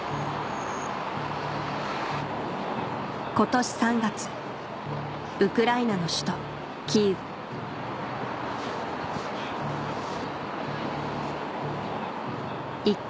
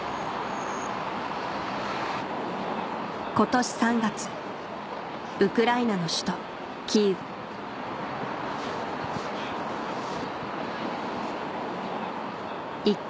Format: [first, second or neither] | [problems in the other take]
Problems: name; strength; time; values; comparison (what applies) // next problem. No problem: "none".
second | background sound (Piano); 11 dB below the speech